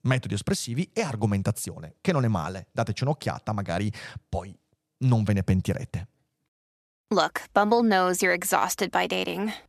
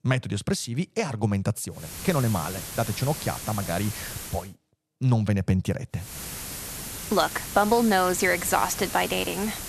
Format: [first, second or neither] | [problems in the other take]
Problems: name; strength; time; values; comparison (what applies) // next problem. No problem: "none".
first | hiss; loud; from 2 to 4.5 s and from 6 s on; 8 dB below the speech